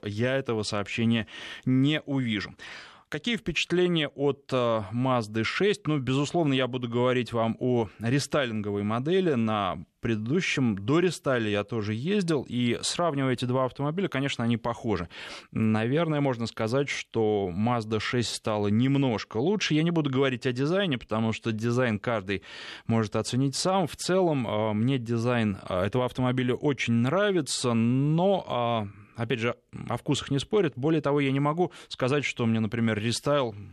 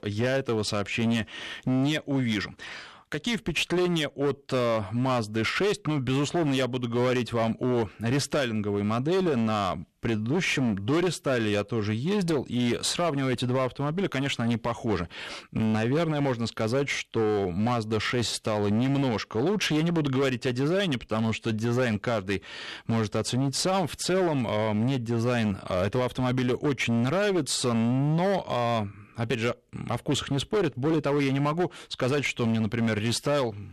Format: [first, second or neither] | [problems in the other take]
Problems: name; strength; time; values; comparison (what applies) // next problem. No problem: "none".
first | distortion; slight; 16% of the sound clipped